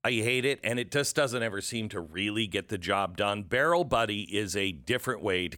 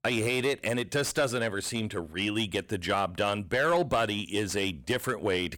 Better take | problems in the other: first | distortion; slight; 10 dB below the speech

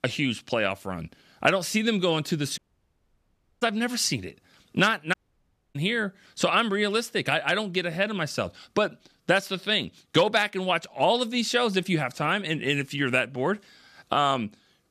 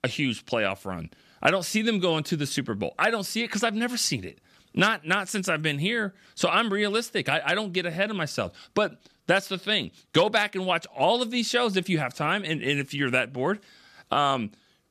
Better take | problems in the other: second | audio cutting out; at 2.5 s for 1 s and at 5 s for 0.5 s

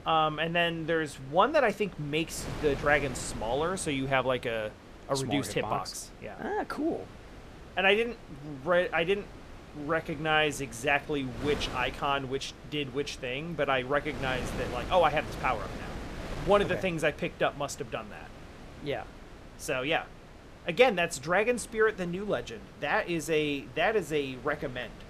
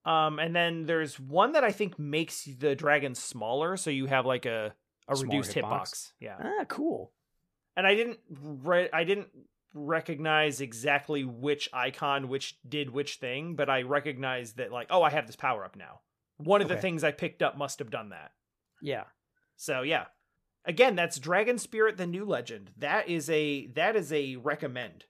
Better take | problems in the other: second | wind noise on the microphone; occasional gusts; 15 dB below the speech

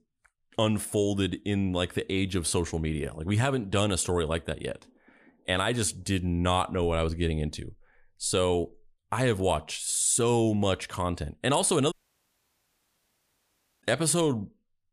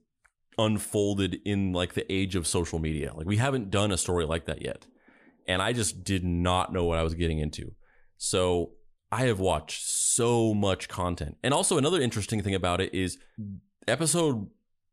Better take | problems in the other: second | audio cutting out; at 12 s for 2 s

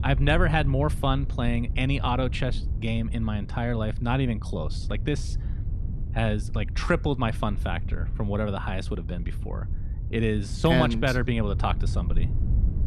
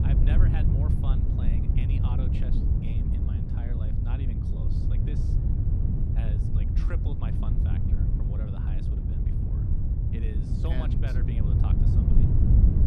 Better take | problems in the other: first | wind noise on the microphone; heavy; 5 dB above the speech; occasional gusts in the first

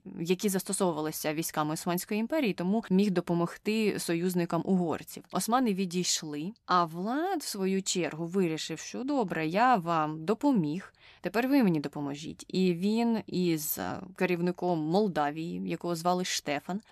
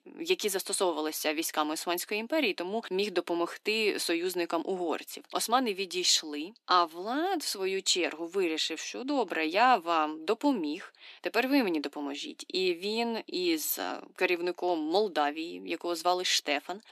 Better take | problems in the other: first | thin; somewhat; fading below 250 Hz

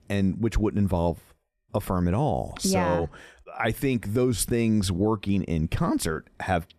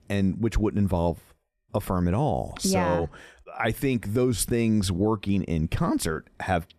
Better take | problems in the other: neither | none

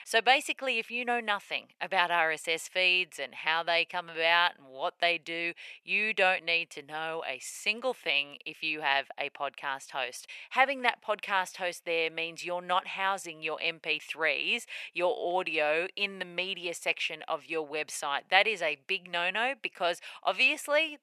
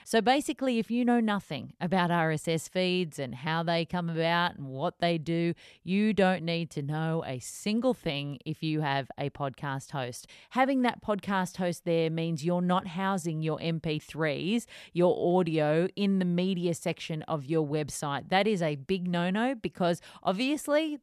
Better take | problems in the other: second | thin; very; fading below 650 Hz

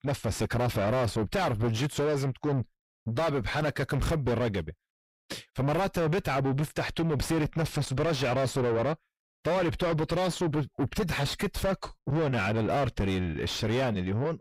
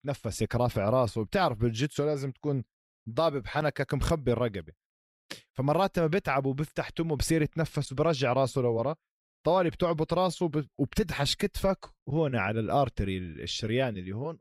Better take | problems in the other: second | distortion; heavy; 6 dB below the speech

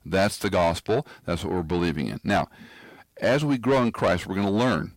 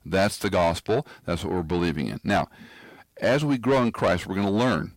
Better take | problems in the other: neither | distortion; heavy; 8 dB below the speech; the same in both

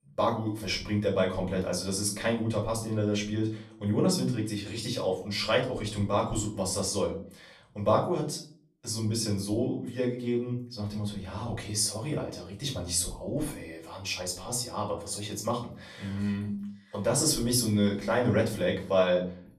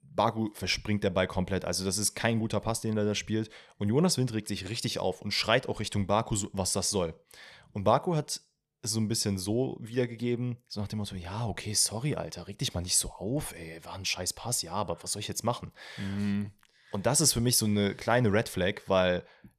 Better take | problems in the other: second | room echo; slight; dies away in 0.4 s // off-mic speech; far

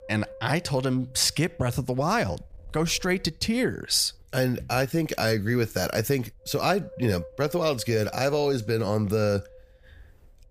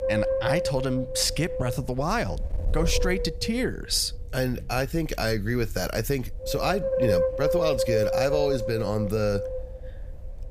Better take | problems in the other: first | wind noise on the microphone; heavy; as loud as the speech; occasional gusts in the first

